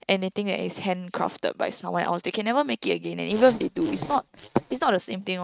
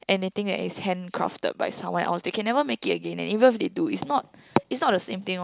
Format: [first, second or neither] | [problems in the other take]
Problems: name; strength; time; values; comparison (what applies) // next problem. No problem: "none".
second | noise reduction (neural mask model RNNoise)